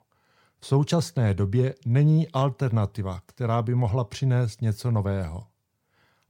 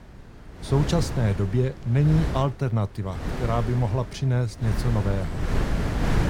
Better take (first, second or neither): first